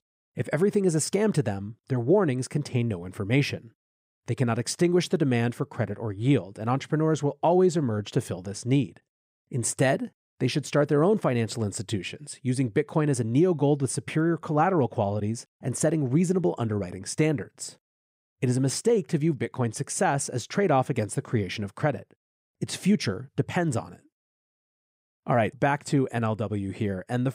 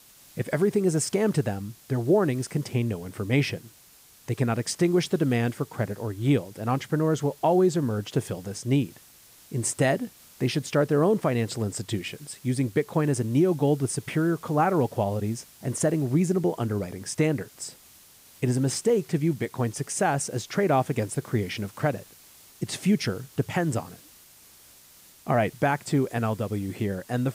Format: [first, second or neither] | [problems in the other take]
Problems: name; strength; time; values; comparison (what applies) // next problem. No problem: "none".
first | hiss; faint; throughout; 25 dB below the speech